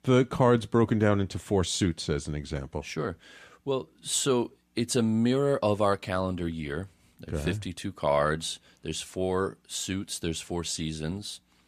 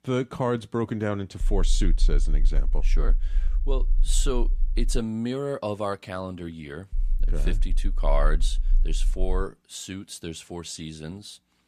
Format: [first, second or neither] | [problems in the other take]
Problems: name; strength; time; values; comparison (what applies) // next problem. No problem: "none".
first | low rumble; faint; from 1.5 to 5 s and from 7 to 9.5 s; 25 dB below the speech